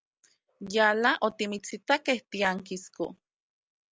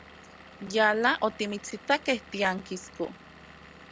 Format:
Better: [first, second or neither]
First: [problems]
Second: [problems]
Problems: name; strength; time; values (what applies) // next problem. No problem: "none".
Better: first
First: none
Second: background sound (Engine / Vehicle); 20 dB below the speech